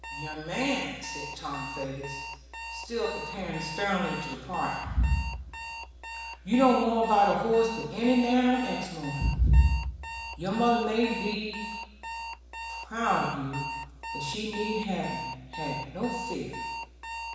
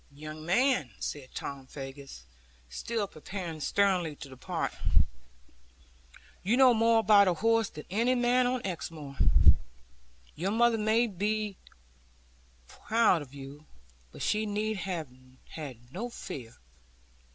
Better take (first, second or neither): second